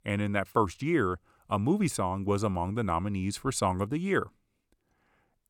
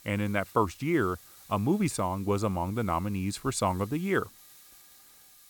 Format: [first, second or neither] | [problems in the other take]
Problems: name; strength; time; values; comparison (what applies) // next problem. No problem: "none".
first | hiss; faint; throughout; 20 dB below the speech